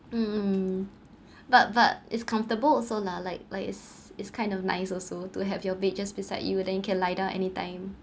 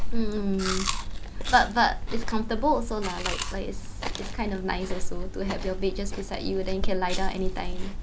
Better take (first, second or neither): first